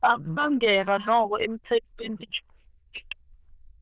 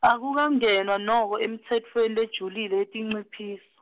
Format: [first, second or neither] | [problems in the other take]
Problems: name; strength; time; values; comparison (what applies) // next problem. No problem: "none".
second | noise reduction (neural diffusion model UNIVERSE++)